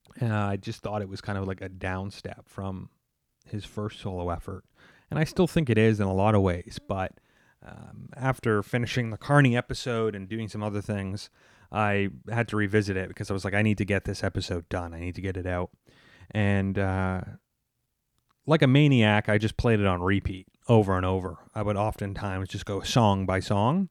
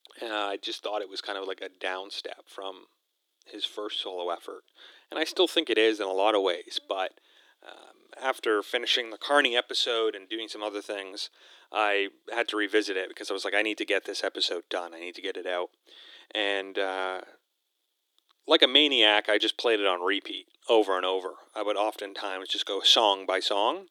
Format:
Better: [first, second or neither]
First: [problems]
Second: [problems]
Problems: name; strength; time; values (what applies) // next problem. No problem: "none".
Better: first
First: none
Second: thin; very; fading below 300 Hz